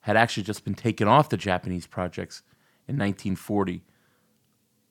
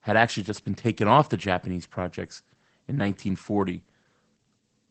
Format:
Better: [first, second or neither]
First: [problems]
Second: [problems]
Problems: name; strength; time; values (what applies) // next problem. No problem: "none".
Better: first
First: none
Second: garbled, watery; badly; nothing above 8 kHz